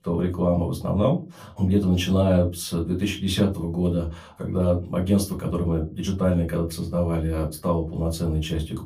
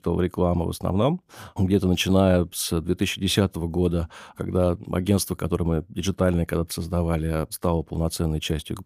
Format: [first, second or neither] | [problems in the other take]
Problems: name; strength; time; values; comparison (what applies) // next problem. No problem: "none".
second | off-mic speech; far // room echo; very slight; dies away in 0.3 s